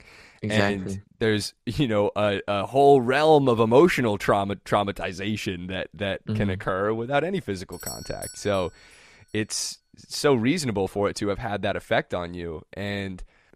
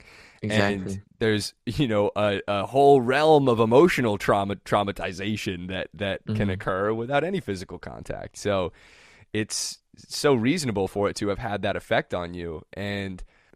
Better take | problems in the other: second | doorbell; faint; at 7.5 s; peak 10 dB below the speech

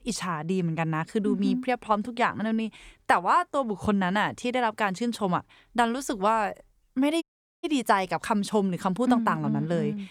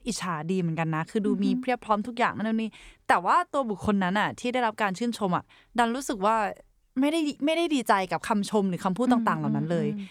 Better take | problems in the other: second | audio cutting out; at 7 s

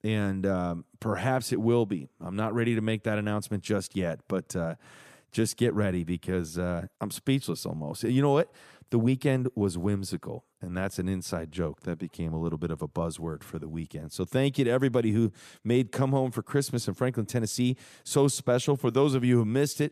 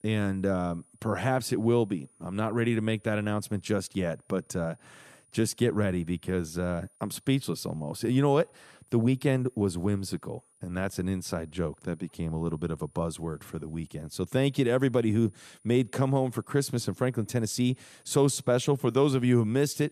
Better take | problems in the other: first | high-pitched whine; faint; throughout; 9.5 kHz, 30 dB below the speech

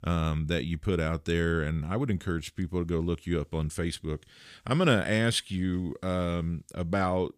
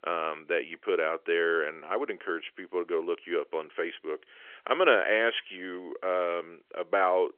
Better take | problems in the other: first | phone-call audio; nothing above 3.5 kHz

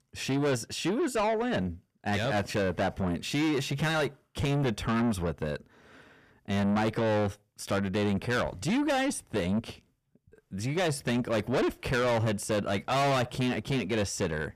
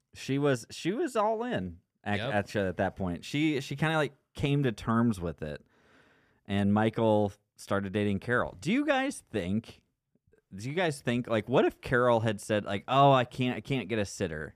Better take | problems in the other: second | distortion; heavy; 6 dB below the speech

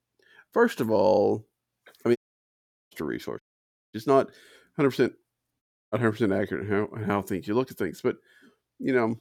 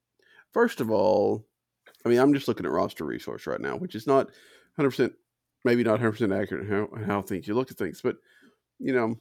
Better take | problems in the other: second | audio cutting out; at 2 s for 1 s, at 3.5 s for 0.5 s and at 5.5 s

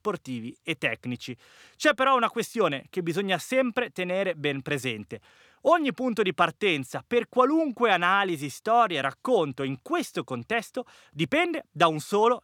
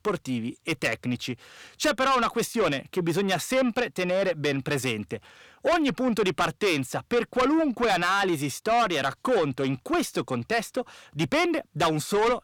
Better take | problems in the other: first | distortion; heavy; 7 dB below the speech

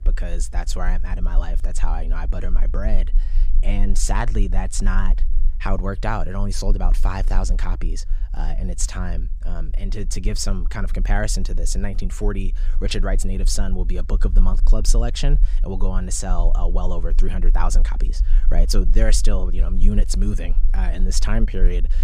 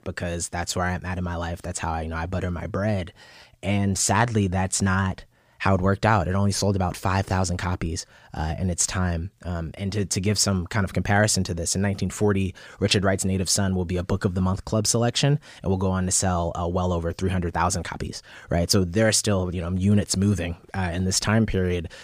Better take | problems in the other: second | low rumble; noticeable; throughout; 20 dB below the speech

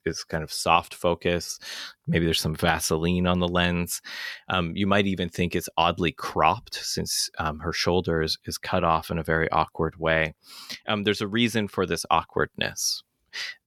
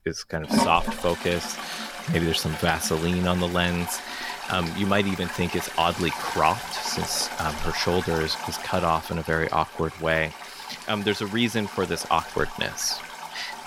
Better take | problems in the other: first | household noises; loud; throughout; 7 dB below the speech

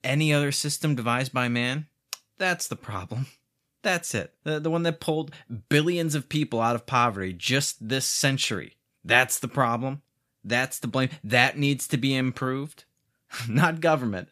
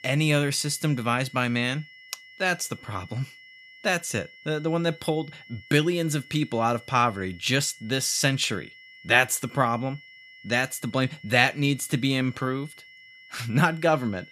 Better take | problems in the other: first | high-pitched whine; faint; throughout; 2 kHz, 20 dB below the speech

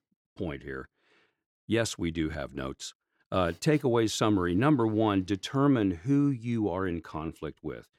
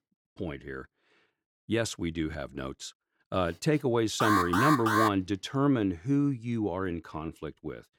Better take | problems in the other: first | alarm; loud; at 4 s; peak 4 dB above the speech

